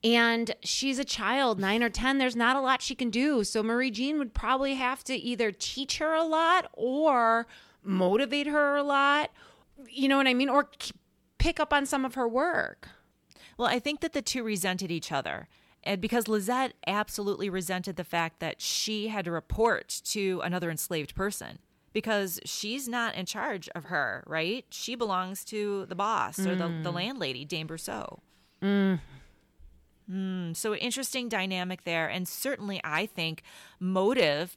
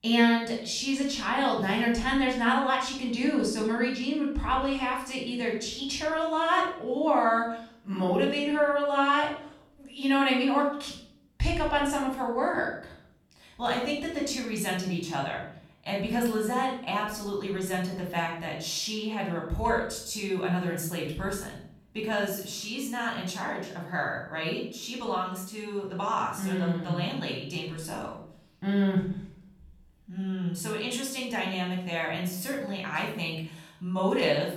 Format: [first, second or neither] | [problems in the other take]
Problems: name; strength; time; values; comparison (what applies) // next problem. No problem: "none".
first | off-mic speech; far // room echo; noticeable; dies away in 0.5 s